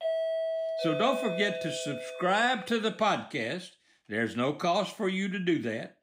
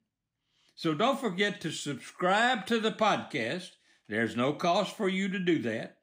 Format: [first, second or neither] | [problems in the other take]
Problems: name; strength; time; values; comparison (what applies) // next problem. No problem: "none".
second | doorbell; noticeable; until 2.5 s; peak level with the speech